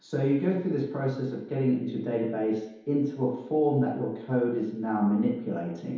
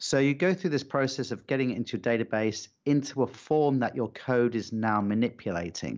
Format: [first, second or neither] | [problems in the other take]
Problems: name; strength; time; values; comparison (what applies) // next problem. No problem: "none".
second | room echo; dies away in 2.2 s